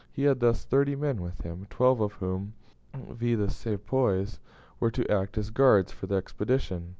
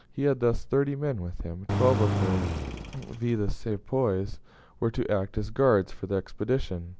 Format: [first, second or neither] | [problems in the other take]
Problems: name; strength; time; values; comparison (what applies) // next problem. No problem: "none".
first | background sound (Engine); 2 dB below the speech